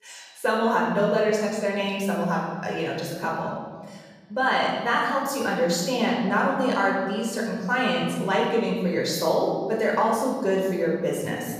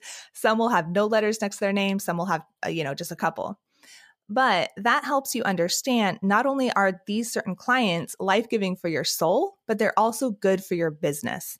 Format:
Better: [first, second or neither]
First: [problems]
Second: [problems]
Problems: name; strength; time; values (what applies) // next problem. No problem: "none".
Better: second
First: off-mic speech; far // room echo; noticeable; dies away in 1.4 s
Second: none